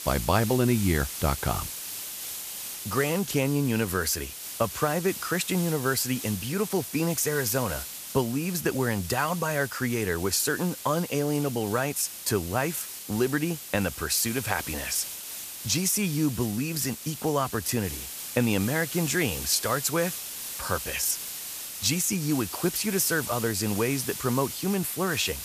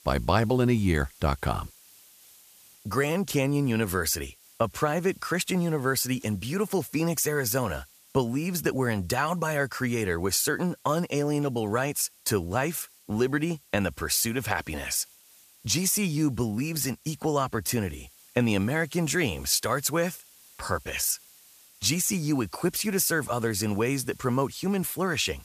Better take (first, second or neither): second